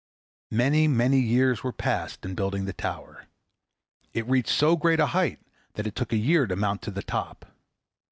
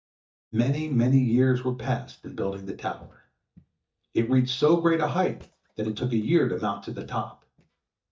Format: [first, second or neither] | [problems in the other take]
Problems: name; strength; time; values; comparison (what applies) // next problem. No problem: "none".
first | noise reduction (neural mask model DeepFilterNet 3)